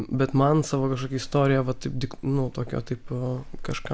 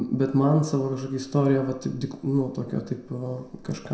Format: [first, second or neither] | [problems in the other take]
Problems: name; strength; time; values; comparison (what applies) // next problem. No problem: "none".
first | room echo; dies away in 0.6 s